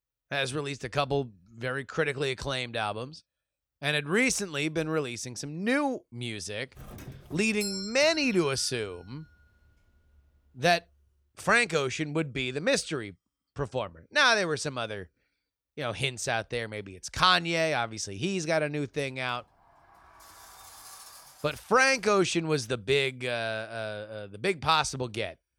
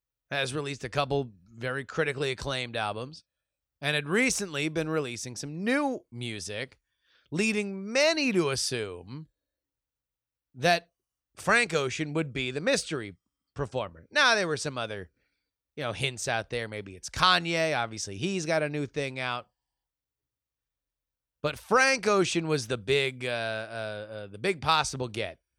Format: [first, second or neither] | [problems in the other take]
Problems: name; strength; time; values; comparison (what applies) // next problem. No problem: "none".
second | doorbell; noticeable; from 7 to 9 s; peak 6 dB below the speech // door banging; faint; from 19 to 22 s; peak 15 dB below the speech